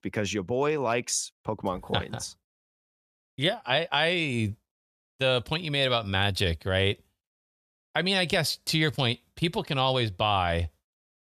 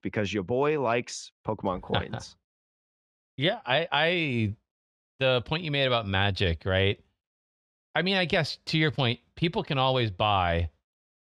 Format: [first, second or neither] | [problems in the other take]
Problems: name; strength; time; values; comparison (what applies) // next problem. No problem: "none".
first | muffled; very slightly; fading above 3.5 kHz